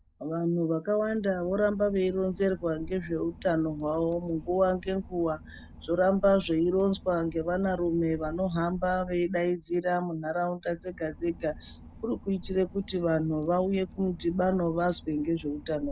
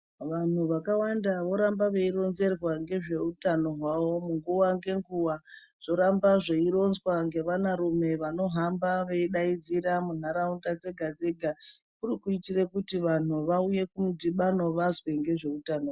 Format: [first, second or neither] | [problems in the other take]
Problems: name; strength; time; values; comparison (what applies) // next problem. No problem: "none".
second | background sound (Engine / Boat, Water vehicle); 18 dB below the speech